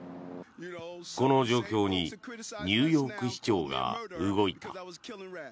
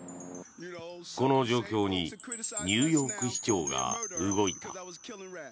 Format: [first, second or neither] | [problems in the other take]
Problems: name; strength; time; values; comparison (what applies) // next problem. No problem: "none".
first | background sound (Wind chime); 9 dB below the speech